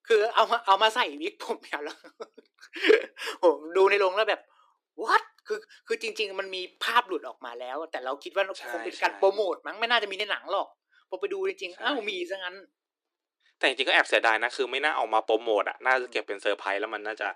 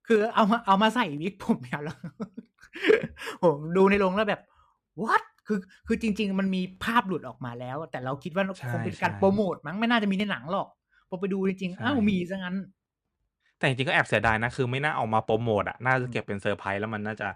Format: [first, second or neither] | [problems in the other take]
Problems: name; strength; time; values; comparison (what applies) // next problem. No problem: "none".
second | thin; very; fading below 300 Hz